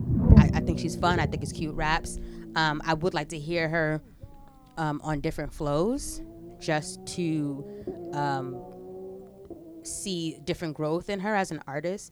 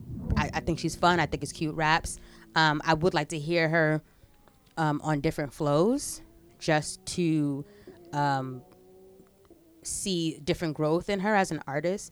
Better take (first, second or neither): second